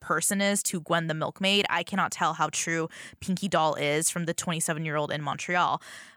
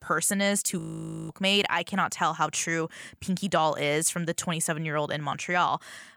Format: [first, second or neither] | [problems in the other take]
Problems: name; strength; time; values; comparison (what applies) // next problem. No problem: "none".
first | audio freezing; at 1 s for 0.5 s